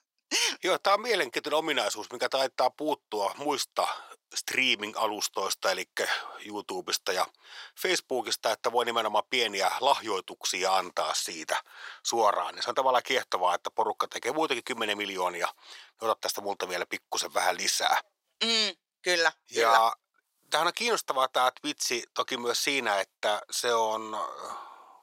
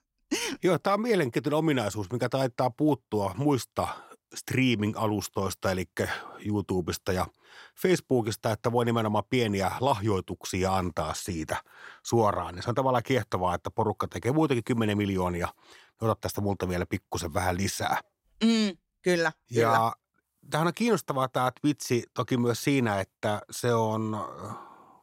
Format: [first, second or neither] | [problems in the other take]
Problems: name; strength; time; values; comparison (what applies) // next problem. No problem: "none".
second | thin; very; fading below 650 Hz